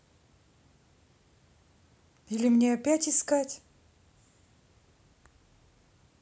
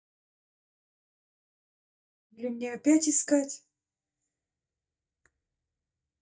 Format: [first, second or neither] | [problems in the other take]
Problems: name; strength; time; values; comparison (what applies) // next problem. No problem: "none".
first | noise reduction (neural mask model DeepFilterNet 3)